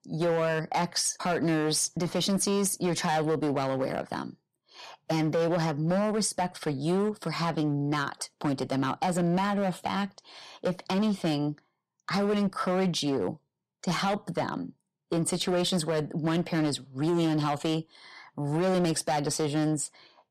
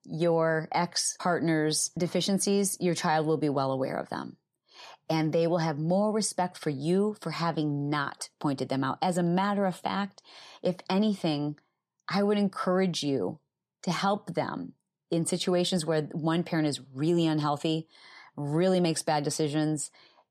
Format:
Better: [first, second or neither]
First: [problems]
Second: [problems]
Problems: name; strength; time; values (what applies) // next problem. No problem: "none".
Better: second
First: distortion; slight; 12% of the sound clipped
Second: none